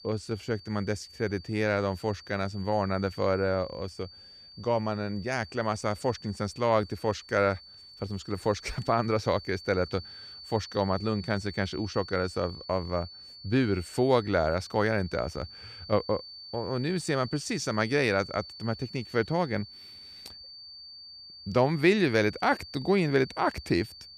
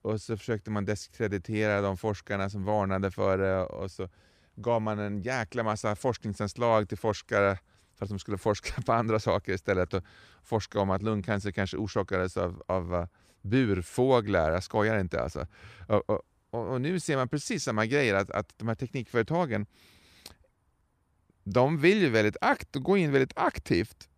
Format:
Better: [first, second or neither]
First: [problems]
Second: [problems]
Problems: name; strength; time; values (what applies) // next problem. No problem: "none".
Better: second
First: high-pitched whine; noticeable; throughout; 4.5 kHz, 15 dB below the speech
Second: none